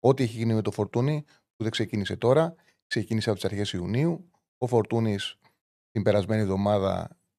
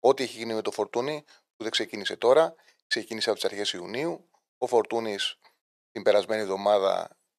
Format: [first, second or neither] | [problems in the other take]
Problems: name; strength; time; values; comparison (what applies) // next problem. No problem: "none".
first | thin; very; fading below 500 Hz